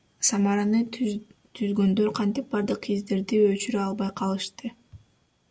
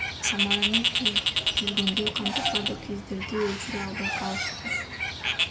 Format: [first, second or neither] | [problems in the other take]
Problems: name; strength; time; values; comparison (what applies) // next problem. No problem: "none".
first | background sound (Bird); 5 dB above the speech